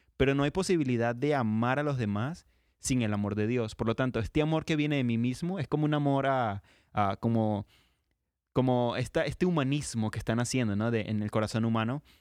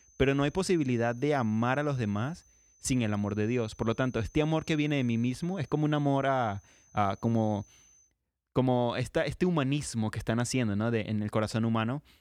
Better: first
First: none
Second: high-pitched whine; faint; until 8 s; 6 kHz, 30 dB below the speech

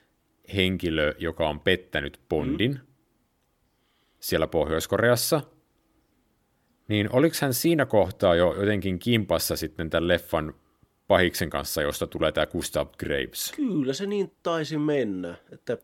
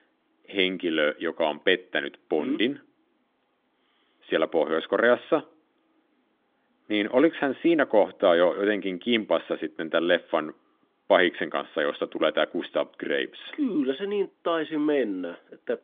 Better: first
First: none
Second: phone-call audio; nothing above 3.5 kHz

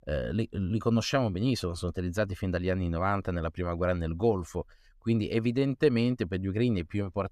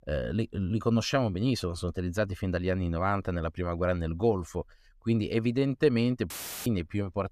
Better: first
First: none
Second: audio cutting out; filled with static; at 6.5 s

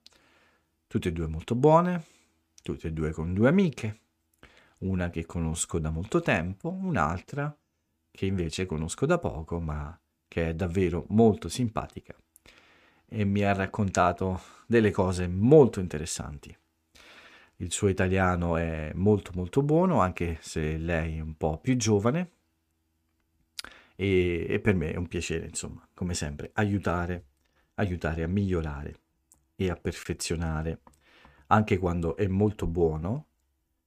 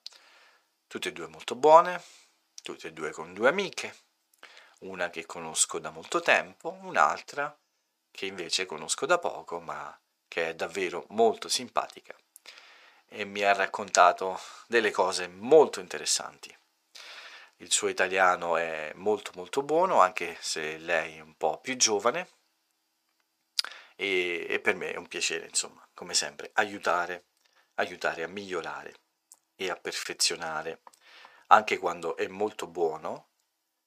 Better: first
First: none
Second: thin; very; fading below 700 Hz

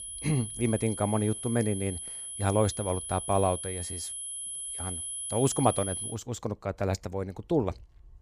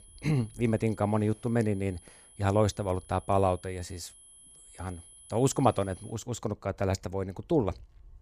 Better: second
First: high-pitched whine; loud; until 6 s; 10.5 kHz, 5 dB below the speech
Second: high-pitched whine; faint; until 6 s; 10.5 kHz, 20 dB below the speech

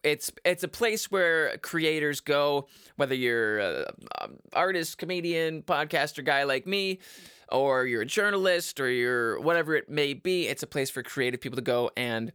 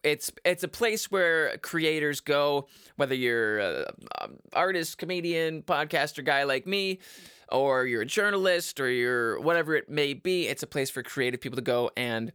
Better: neither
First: none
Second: none

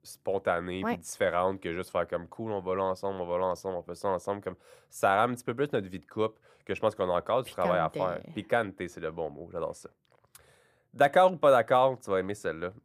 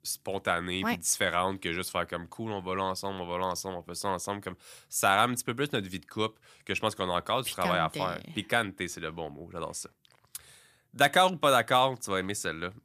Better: second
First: muffled; slightly; fading above 2.5 kHz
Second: none

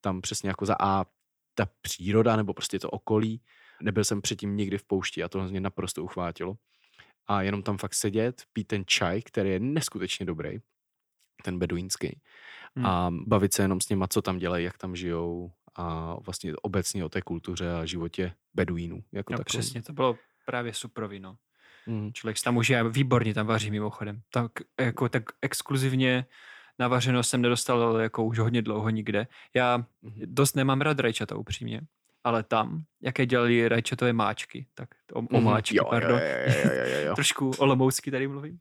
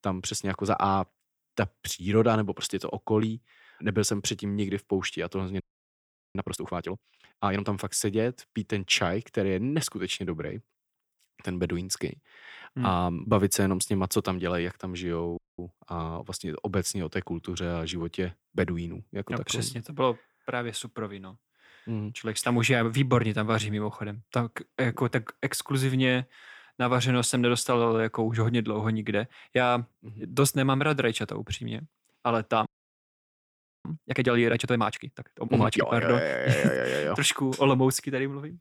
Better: first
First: none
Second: audio freezing; at 5.5 s for 1 s, at 15 s and at 33 s for 1 s

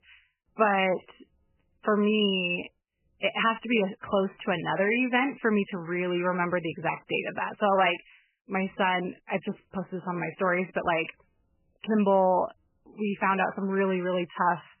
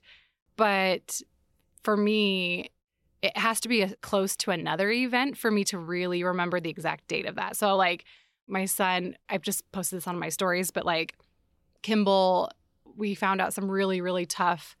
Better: second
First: garbled, watery; badly; nothing above 3 kHz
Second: none

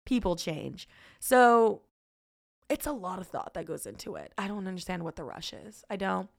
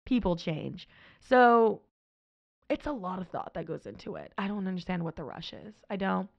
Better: first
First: none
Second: muffled; very slightly; fading above 4 kHz

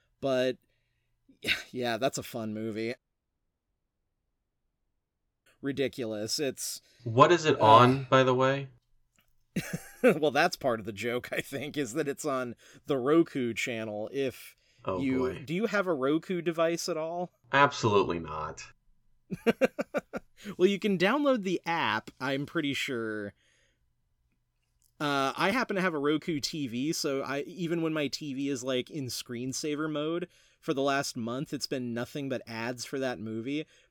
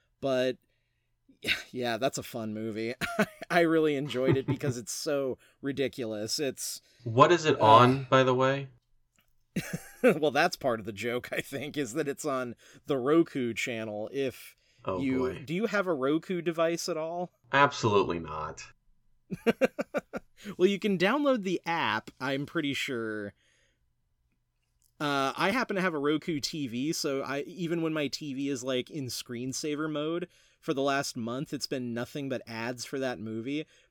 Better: second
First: audio cutting out; at 3 s for 2.5 s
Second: none

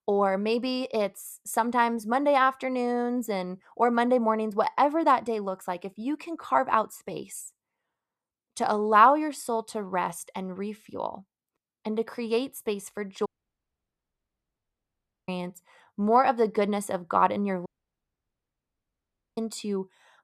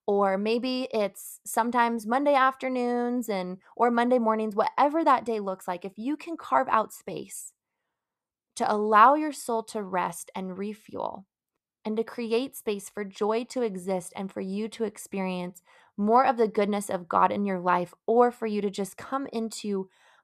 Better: second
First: audio cutting out; at 13 s for 2 s and at 18 s for 1.5 s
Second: none

